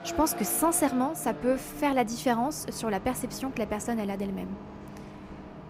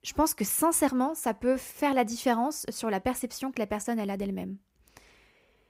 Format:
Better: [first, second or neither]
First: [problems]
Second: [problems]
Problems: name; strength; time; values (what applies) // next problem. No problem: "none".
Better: second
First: traffic noise; noticeable; throughout; 15 dB below the speech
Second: none